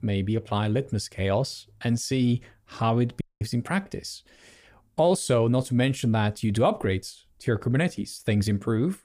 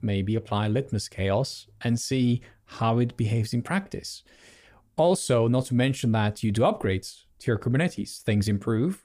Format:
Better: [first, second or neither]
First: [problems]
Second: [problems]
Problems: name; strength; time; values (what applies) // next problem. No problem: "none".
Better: second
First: audio cutting out; at 3 s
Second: none